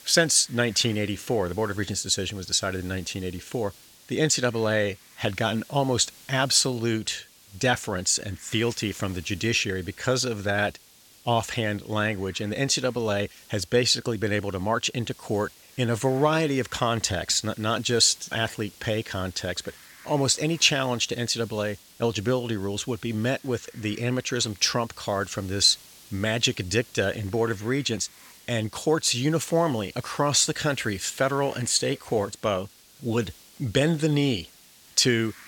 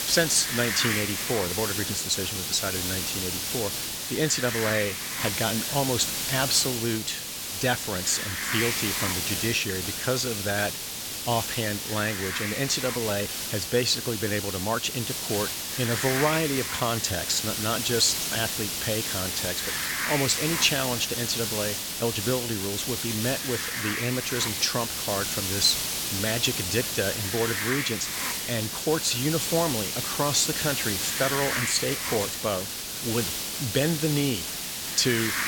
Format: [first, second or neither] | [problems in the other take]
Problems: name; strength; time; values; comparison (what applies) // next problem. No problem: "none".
first | hiss; loud; throughout; 1 dB below the speech; faint in the first